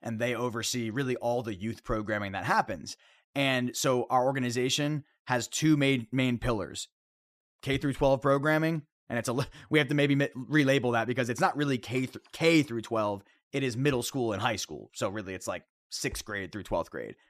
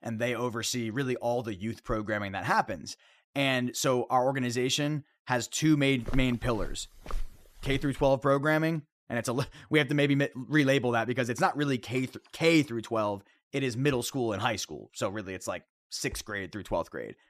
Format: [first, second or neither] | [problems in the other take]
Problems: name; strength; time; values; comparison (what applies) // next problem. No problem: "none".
first | footsteps; faint; from 6 to 8 s; peak 10 dB below the speech